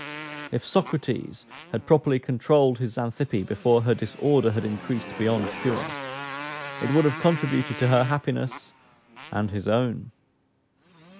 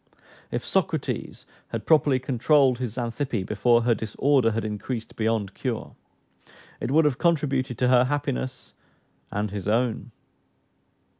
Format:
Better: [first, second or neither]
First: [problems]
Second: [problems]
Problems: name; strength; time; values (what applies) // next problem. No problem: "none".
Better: second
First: background sound (Motorcycle); 13 dB below the speech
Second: none